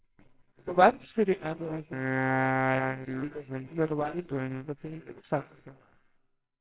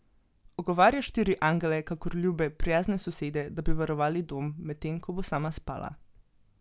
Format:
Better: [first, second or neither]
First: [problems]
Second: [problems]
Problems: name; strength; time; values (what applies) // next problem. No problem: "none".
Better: second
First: noise reduction (neural separator model SepFormer WHAMR!)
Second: none